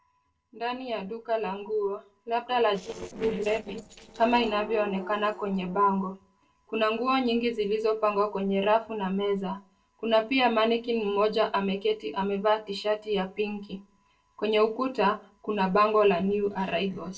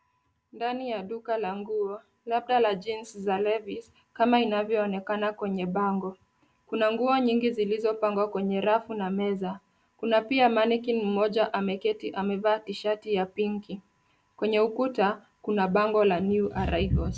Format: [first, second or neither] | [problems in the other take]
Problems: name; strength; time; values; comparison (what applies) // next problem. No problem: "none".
second | noise reduction (neural separator model SepFormer DNS4)